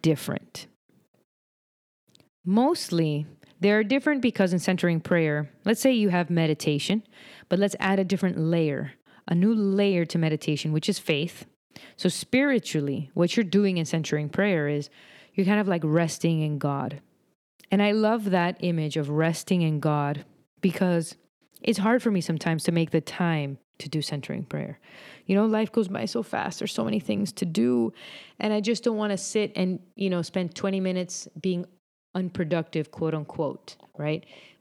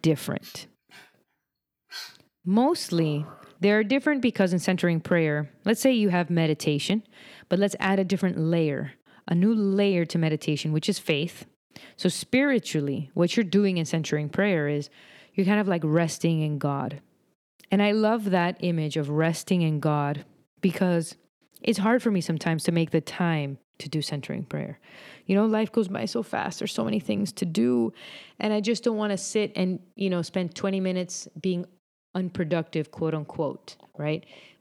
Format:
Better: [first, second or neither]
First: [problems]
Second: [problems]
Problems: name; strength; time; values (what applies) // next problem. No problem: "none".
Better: first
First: none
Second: dog barking; faint; until 3.5 s; peak 15 dB below the speech